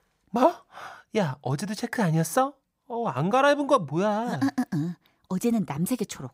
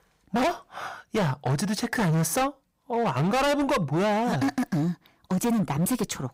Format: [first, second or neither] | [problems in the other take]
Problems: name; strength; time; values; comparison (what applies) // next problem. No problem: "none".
first | distortion; heavy; 20% of the sound clipped